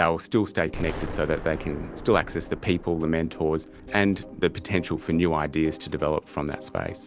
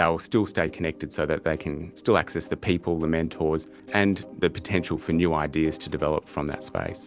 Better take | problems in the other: second | background sound (Explosion); 14 dB below the speech

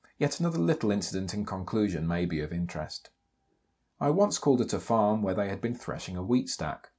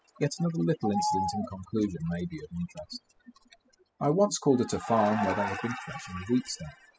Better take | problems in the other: first | noise reduction (classical method spectral subtraction)

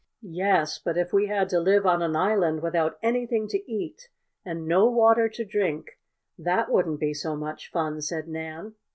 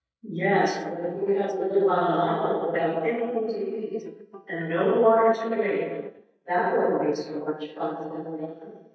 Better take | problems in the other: first | noise reduction (neural mask model DeepFilterNet 3)

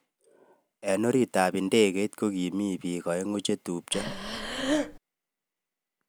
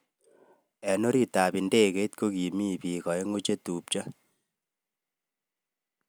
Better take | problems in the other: second | background sound (Breathing); 2 dB below the speech

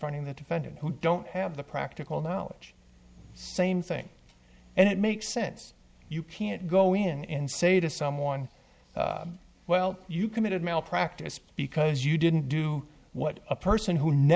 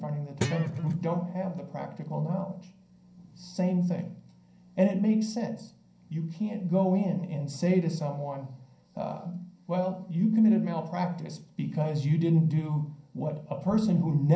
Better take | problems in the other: first | background sound (Guitar); 6 dB below the speech // room echo; dies away in 0.6 s

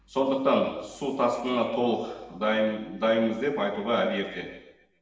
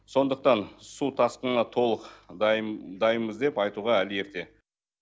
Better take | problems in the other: second | room echo; dies away in 1 s

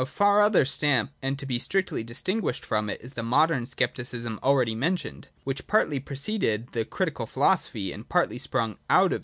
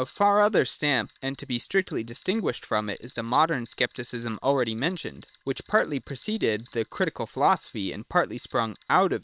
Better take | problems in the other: first | noise reduction (neural separator model SepFormer WHAM!)

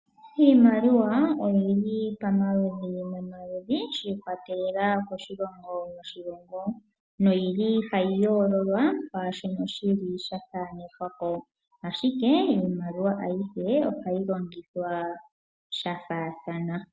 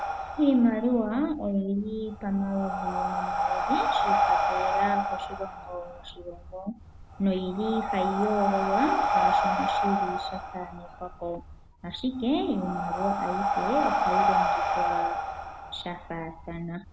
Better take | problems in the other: first | background sound (Breathing); 1 dB above the speech

